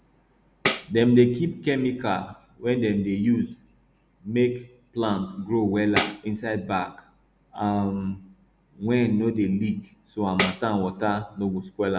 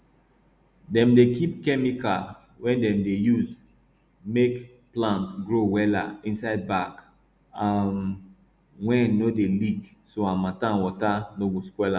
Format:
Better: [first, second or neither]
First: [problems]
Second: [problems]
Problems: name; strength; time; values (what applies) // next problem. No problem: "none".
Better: second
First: background sound (Tambourine); 7 dB below the speech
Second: none